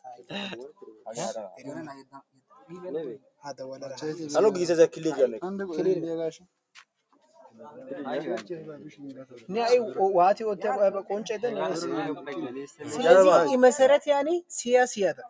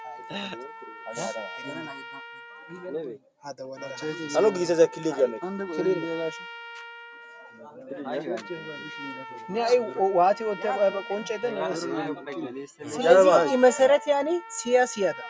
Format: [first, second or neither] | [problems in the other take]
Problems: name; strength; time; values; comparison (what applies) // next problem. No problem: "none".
first | background sound (Trumpet); 16 dB below the speech